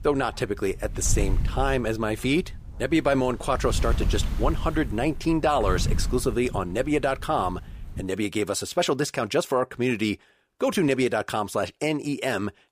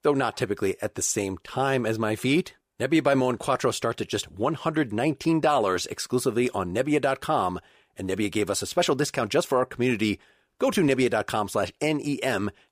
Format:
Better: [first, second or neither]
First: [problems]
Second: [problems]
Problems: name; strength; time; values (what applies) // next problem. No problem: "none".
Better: second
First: wind noise on the microphone; occasional gusts; until 8 s; 20 dB below the speech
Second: none